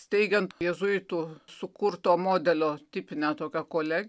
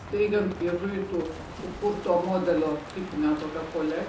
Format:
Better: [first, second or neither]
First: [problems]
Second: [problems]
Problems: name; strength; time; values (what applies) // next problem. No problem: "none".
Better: first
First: none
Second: background sound (Crow); 13 dB below the speech // room echo; dies away in 1 s